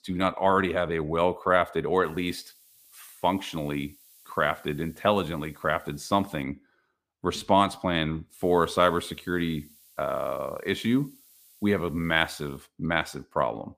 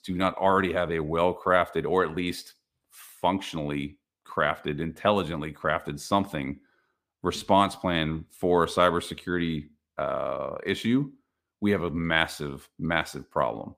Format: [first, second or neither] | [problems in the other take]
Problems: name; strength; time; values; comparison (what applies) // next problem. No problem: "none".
second | hiss; faint; from 2 to 6.5 s and from 8.5 to 13 s; 25 dB below the speech